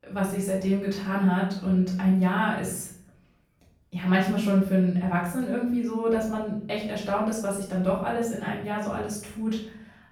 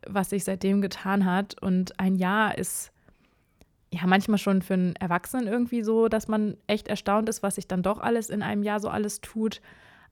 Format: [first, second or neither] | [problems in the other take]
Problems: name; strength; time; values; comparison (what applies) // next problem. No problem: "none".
second | off-mic speech; far // room echo; noticeable; dies away in 0.6 s